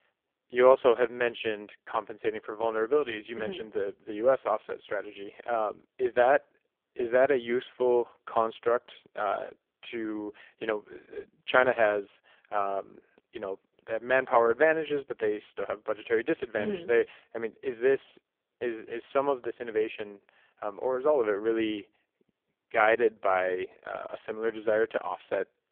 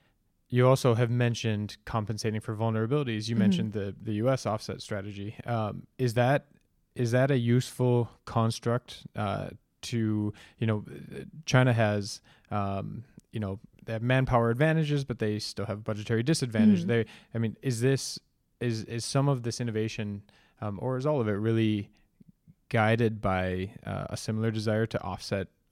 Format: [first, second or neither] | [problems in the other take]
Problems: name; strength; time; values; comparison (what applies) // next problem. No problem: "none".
second | phone-call audio; poor line; nothing above 3.5 kHz